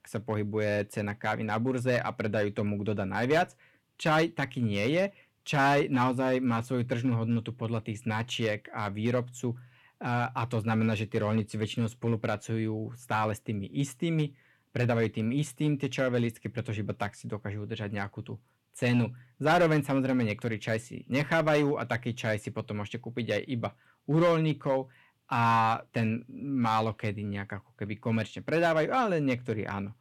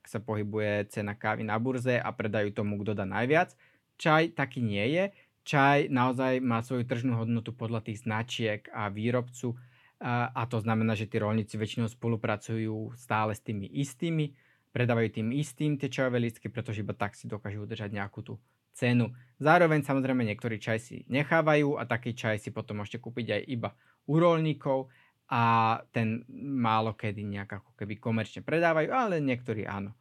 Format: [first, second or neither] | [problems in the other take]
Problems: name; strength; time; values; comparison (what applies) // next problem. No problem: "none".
second | distortion; slight; 2% of the sound clipped